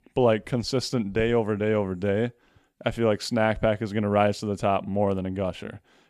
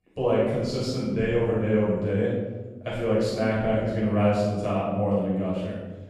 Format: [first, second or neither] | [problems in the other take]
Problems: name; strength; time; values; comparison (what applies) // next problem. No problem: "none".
first | off-mic speech; far // room echo; strong; dies away in 1.4 s